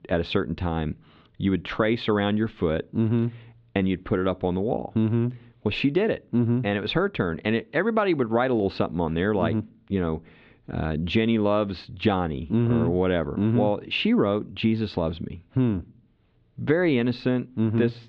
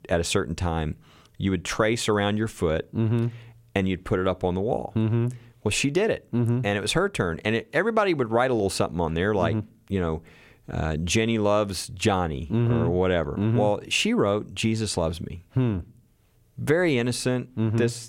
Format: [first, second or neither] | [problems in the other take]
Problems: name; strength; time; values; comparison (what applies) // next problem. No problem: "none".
second | muffled; slightly; fading above 4 kHz